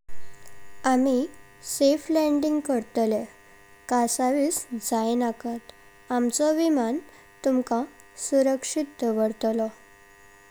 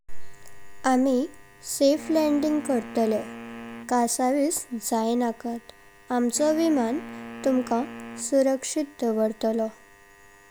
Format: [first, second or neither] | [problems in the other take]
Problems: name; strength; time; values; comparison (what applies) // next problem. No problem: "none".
first | background sound (Wind instrument, woodwind instrument); 16 dB below the speech